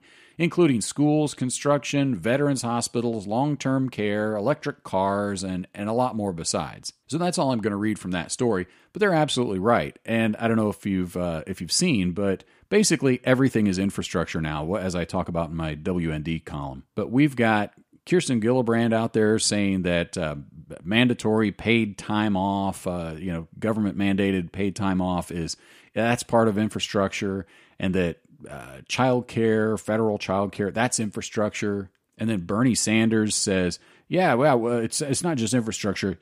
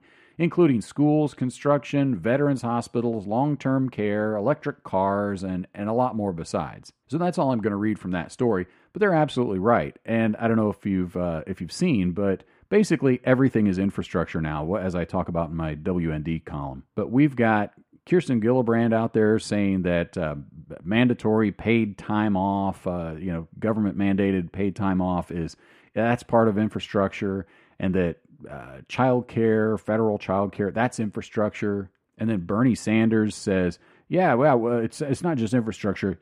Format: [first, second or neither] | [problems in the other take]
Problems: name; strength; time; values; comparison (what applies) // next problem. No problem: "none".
first | muffled; slightly; fading above 3 kHz